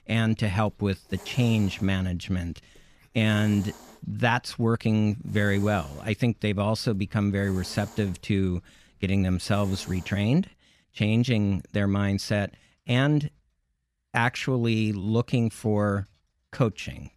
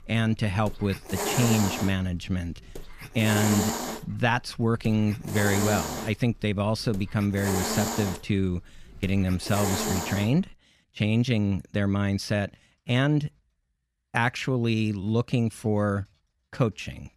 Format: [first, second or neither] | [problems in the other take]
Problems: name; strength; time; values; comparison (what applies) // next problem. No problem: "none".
first | hiss; loud; until 11 s; 4 dB below the speech; faint in the first